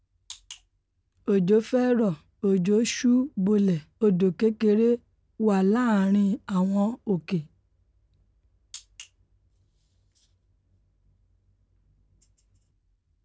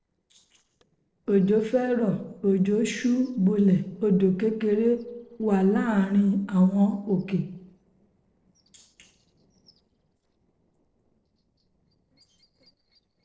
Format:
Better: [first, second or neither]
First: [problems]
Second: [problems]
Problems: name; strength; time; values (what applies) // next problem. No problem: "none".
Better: first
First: none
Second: noise reduction (neural separator model SepFormer DNS4)